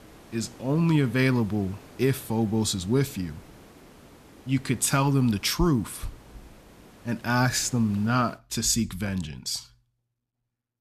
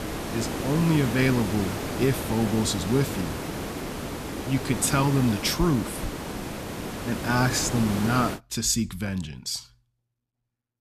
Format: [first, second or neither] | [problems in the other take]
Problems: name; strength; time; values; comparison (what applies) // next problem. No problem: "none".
first | hiss; loud; until 8.5 s; 6 dB below the speech; faint in the first